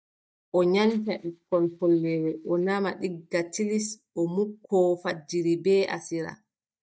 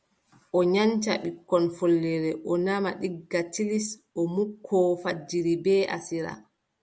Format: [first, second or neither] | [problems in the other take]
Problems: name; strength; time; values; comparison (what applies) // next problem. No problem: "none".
second | noise reduction (neural mask model DeepFilterNet 3)